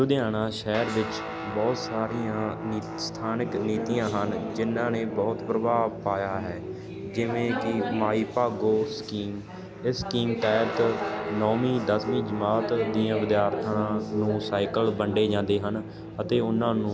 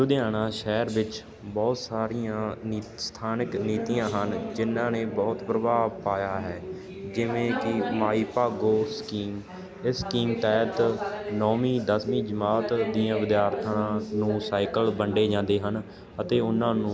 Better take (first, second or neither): second